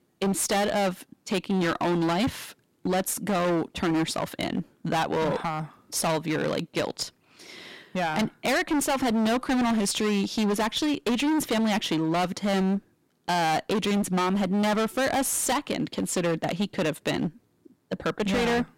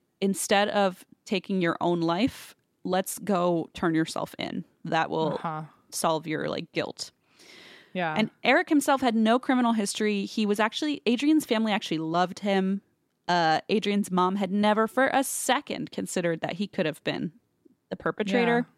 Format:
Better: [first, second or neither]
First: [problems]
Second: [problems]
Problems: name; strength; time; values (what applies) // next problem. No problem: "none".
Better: second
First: distortion; heavy; 25% of the sound clipped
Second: none